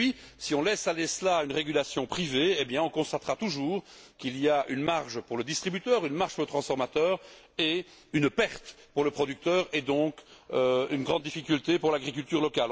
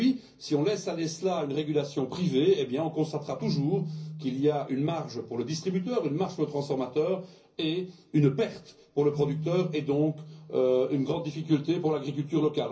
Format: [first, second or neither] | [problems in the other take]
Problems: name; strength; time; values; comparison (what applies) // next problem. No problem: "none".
first | background sound (Keyboard (musical)); 15 dB below the speech // room echo; dies away in 0.5 s